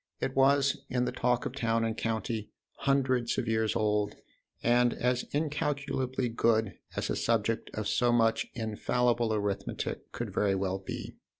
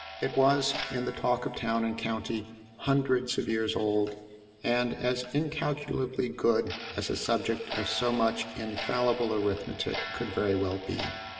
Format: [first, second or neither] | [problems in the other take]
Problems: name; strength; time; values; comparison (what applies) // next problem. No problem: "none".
first | background sound (Clock); 13 dB below the speech // room echo; dies away in 1.9 s